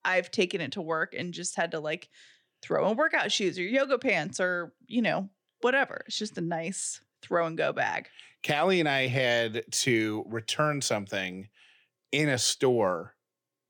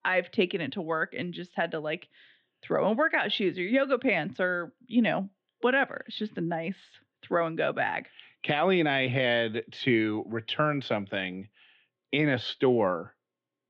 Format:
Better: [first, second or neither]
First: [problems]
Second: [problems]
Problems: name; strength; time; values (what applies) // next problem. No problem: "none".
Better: first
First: none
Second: muffled; very; fading above 3.5 kHz